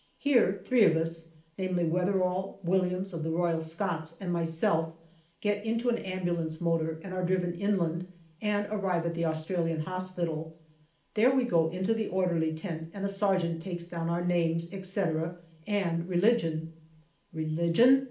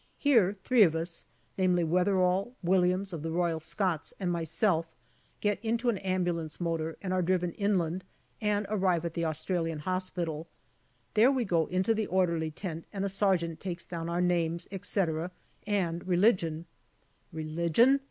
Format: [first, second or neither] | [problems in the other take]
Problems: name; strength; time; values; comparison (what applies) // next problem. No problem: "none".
second | room echo; dies away in 0.4 s